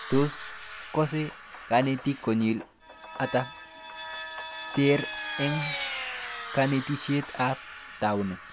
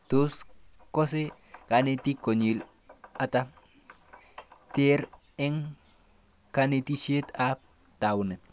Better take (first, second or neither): second